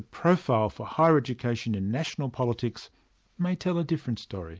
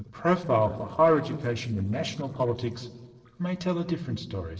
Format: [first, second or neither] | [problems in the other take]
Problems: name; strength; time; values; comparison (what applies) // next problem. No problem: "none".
first | noise reduction (neural separator model SepFormer DNS4)